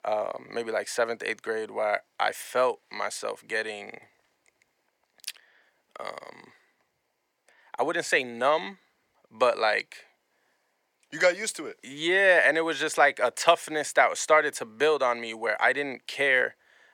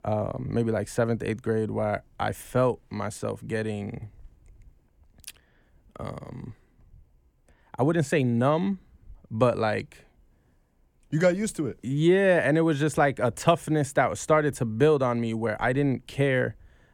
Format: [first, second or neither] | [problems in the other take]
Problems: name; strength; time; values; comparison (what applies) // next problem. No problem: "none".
second | thin; very; fading below 650 Hz